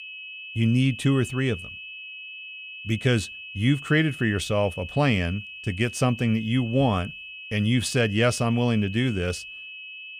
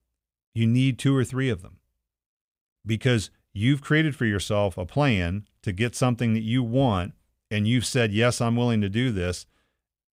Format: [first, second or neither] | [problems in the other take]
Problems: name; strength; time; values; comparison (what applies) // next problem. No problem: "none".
second | high-pitched whine; noticeable; throughout; 2.5 kHz, 15 dB below the speech